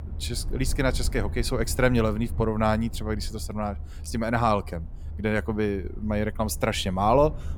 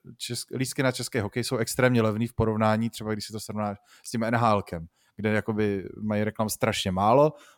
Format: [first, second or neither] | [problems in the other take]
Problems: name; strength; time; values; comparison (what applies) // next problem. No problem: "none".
second | low rumble; faint; throughout; 25 dB below the speech